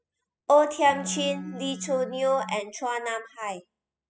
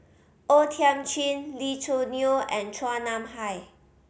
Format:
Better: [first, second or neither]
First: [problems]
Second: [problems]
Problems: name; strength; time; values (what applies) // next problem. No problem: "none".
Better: second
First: noise reduction (classical method spectral subtraction)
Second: none